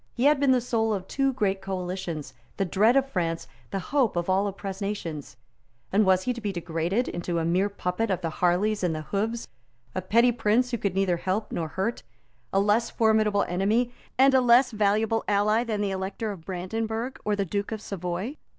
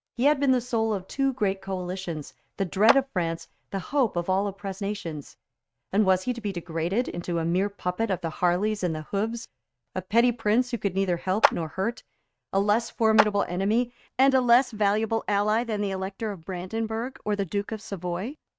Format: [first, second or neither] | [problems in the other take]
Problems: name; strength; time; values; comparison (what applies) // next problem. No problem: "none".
first | noise reduction (neural mask model RNNoise)